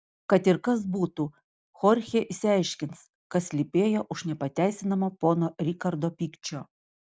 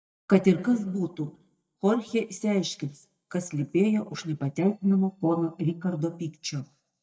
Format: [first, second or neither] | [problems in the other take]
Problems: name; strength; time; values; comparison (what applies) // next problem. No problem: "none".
first | noise reduction (neural mask model DeepFilterNet 3)